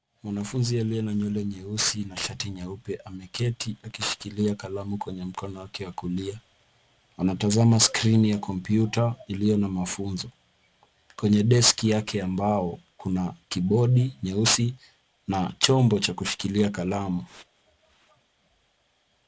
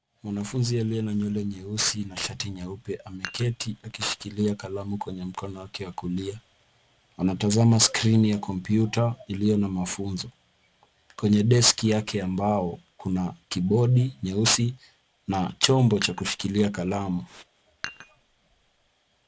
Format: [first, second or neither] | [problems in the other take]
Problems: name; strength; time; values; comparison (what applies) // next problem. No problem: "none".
first | background sound (Dishes, pots, and pans); 17 dB below the speech